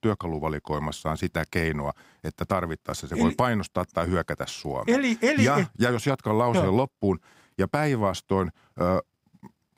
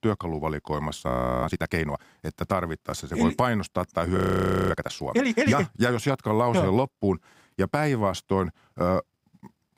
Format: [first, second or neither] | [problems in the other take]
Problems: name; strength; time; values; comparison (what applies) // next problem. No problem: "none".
first | audio freezing; at 1 s and at 4 s for 0.5 s